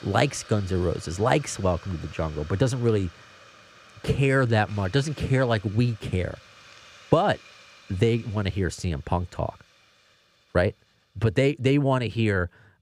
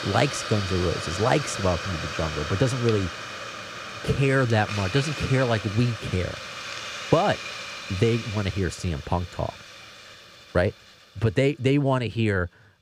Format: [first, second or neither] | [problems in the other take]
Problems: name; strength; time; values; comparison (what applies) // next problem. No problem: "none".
first | hiss; loud; throughout; 8 dB below the speech; faint in the first